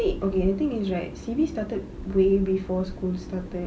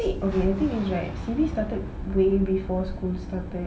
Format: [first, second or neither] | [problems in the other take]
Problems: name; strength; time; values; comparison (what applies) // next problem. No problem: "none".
first | background sound (Boom); 13 dB below the speech // room echo; dies away in 0.7 s